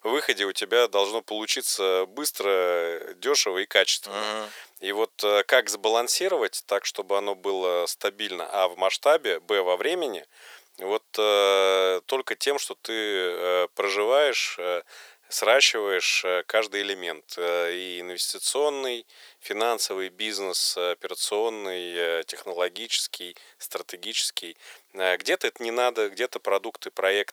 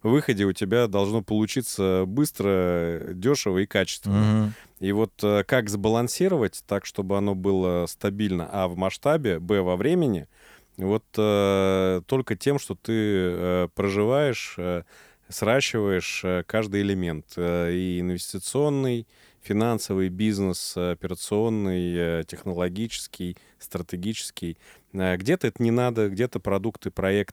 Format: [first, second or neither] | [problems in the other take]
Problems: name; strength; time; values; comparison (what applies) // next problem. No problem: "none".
second | thin; very; fading below 450 Hz